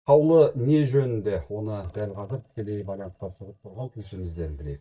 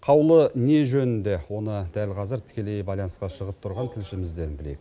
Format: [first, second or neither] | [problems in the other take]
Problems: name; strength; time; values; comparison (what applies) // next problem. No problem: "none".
second | noise reduction (neural mask model DeepFilterNet 3)